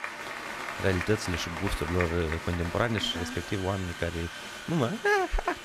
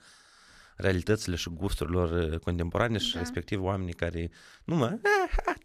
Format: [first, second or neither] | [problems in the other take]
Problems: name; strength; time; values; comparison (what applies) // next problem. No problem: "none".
second | crowd noise; loud; throughout; 7 dB below the speech